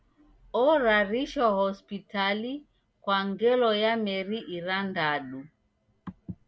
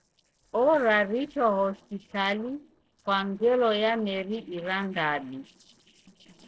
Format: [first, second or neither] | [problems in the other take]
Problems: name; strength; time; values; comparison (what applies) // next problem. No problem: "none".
first | noise reduction (neural separator model SepFormer DNS4)